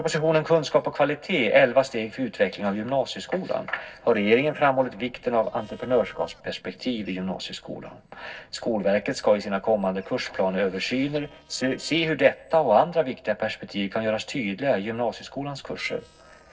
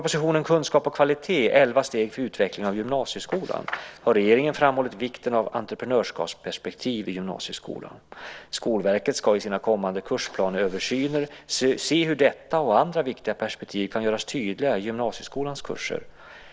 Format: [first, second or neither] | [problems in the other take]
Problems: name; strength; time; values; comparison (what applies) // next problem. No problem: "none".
second | noise reduction (neural separator model SepFormer DNS4)